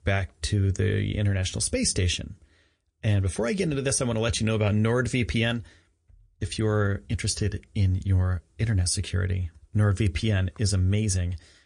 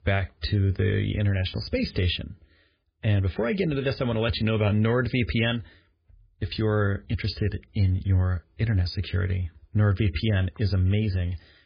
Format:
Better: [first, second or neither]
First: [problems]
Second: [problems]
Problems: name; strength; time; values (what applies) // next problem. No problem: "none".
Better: first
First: garbled, watery; slightly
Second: garbled, watery; badly; nothing above 5 kHz